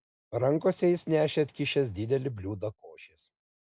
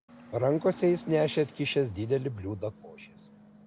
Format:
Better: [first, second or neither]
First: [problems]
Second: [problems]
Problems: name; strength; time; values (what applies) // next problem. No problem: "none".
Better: first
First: none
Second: background sound (Hiss / Bus / Engine); 20 dB below the speech